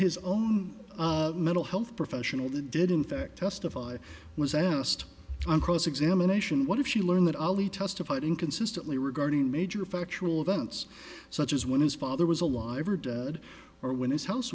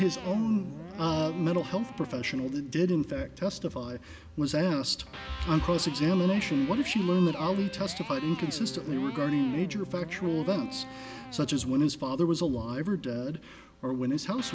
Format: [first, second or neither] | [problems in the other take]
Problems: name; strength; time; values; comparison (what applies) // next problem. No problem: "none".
first | background sound (Electric guitar); 15 dB below the speech